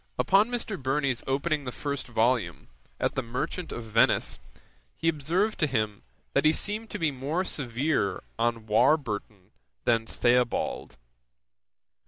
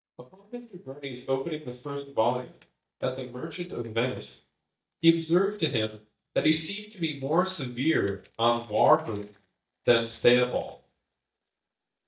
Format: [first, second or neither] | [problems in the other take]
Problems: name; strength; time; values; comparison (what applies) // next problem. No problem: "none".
first | noise reduction (neural mask model DeepFilterNet 3)